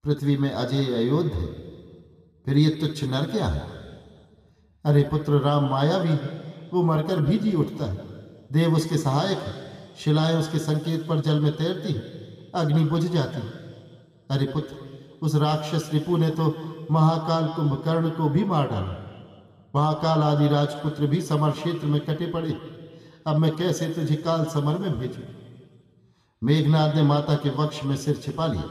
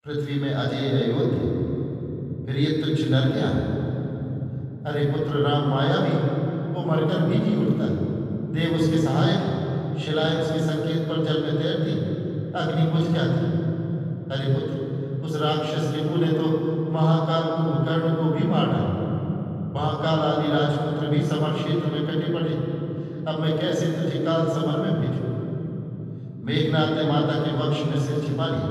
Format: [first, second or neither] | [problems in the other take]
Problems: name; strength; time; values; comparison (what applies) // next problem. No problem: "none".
first | room echo; strong; dies away in 3 s; slight in the first // off-mic speech; far